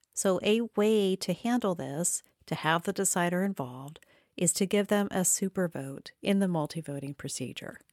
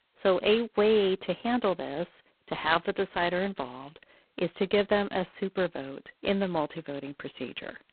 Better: first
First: none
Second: phone-call audio; poor line; nothing above 4 kHz

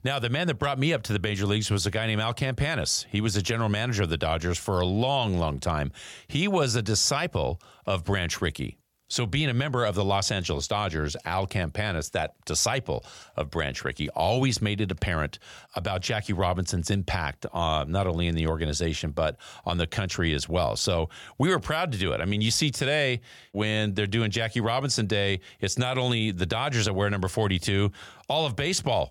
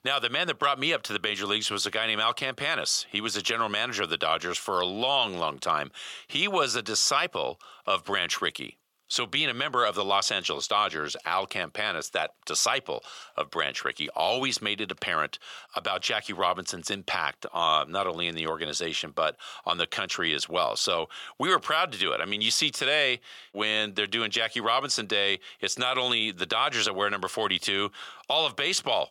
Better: first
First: none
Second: thin; very; fading below 350 Hz

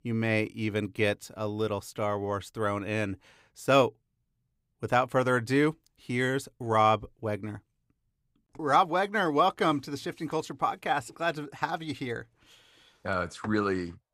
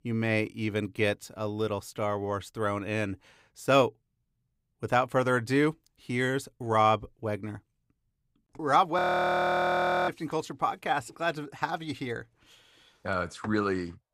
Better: first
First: none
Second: audio freezing; at 9 s for 1 s

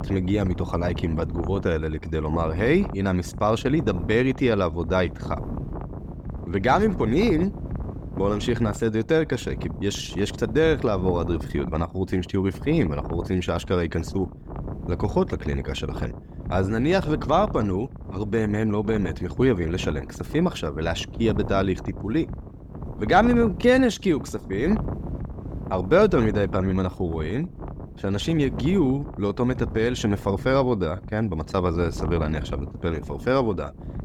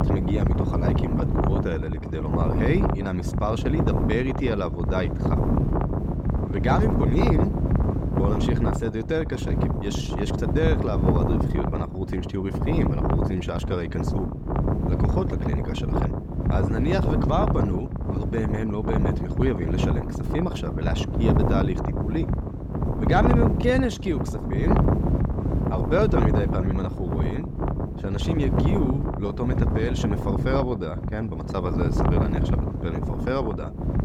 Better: first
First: wind noise on the microphone; occasional gusts; 15 dB below the speech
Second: wind noise on the microphone; heavy; 1 dB below the speech

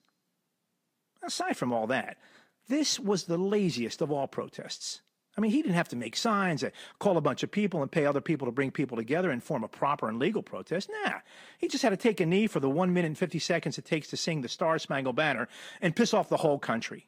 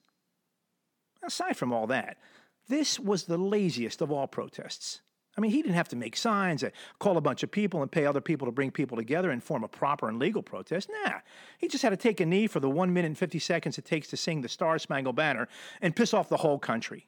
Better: second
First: garbled, watery; slightly; nothing above 15 kHz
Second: none

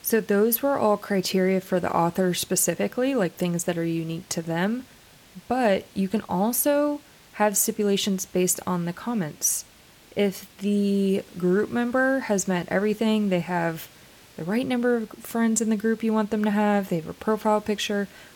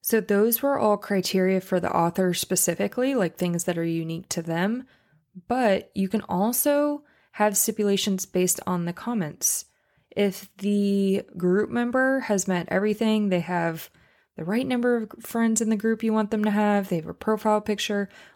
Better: second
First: hiss; faint; throughout; 25 dB below the speech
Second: none

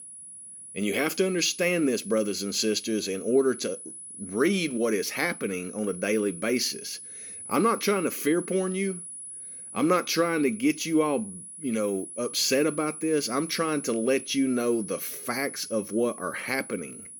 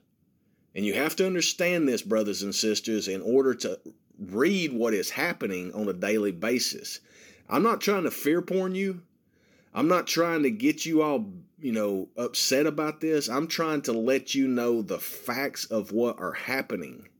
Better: second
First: high-pitched whine; noticeable; throughout; 10 kHz, 10 dB below the speech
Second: none

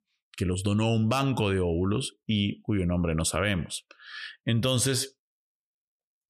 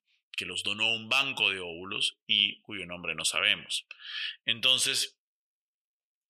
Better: first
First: none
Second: thin; somewhat; fading below 1 kHz

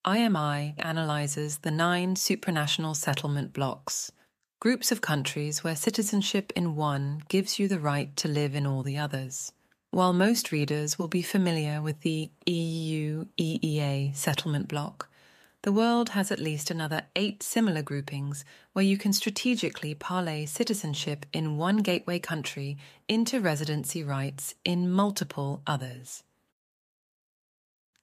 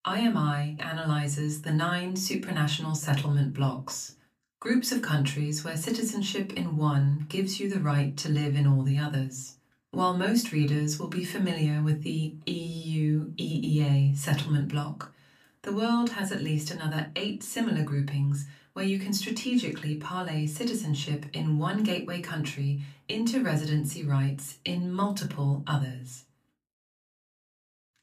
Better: first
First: none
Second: off-mic speech; far // room echo; very slight; dies away in 0.3 s

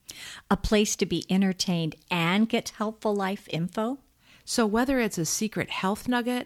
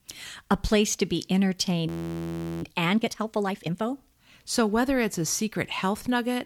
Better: first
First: none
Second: audio freezing; at 2 s for 0.5 s

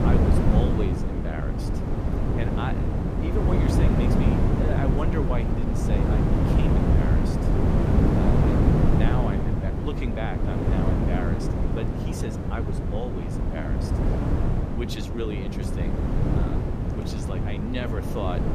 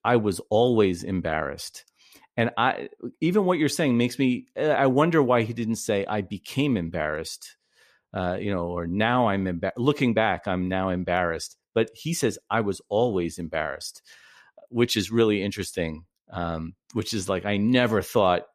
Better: second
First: wind noise on the microphone; heavy; 4 dB above the speech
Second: none

